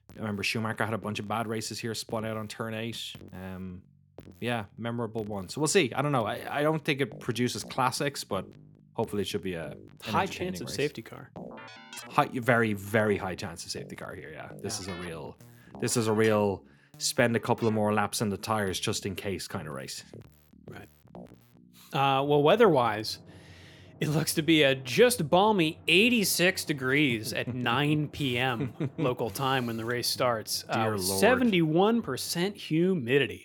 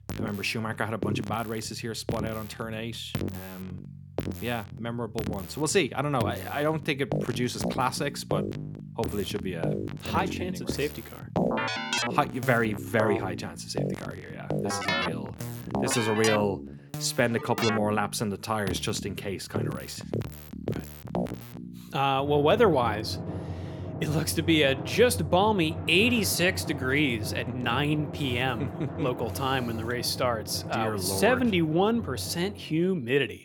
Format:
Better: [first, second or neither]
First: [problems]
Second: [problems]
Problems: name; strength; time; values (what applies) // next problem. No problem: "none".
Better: first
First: background music; faint; throughout; 25 dB below the speech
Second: background music; loud; throughout; 7 dB below the speech